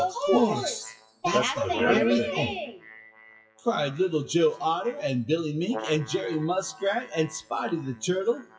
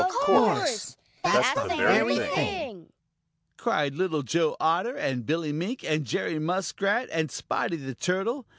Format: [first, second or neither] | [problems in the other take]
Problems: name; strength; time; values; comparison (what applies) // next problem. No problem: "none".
second | noise reduction (classical method WPE with log-MMSE)